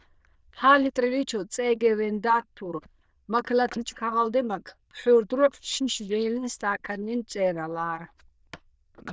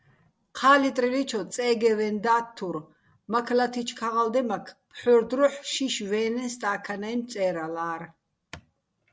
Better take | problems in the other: second | noise reduction (neural diffusion model UNIVERSE++)

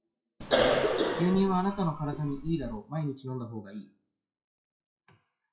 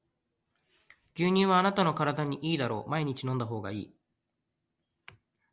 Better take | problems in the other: second | noise reduction (classical method WPE with log-MMSE)

